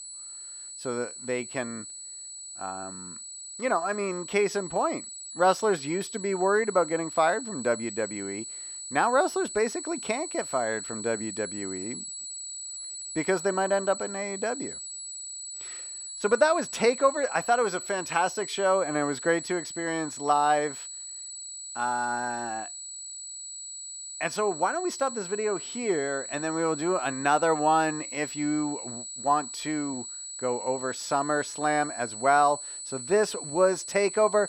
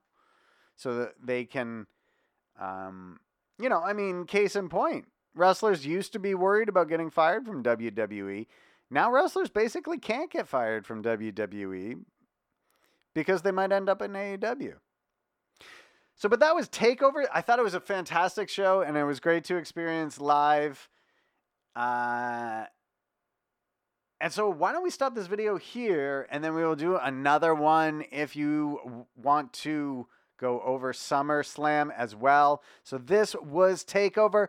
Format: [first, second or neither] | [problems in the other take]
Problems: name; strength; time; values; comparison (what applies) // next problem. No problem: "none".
second | high-pitched whine; loud; throughout; 8 kHz, 9 dB below the speech